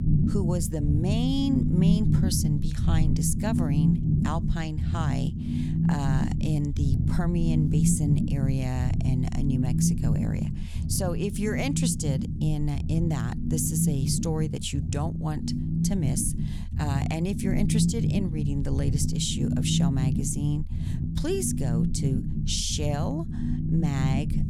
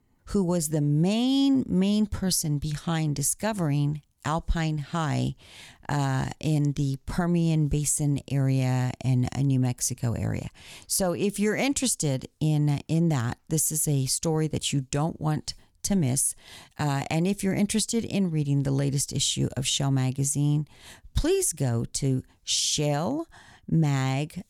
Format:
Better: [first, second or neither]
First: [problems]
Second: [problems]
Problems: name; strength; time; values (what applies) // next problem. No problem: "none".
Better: second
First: low rumble; loud; throughout; 3 dB below the speech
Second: none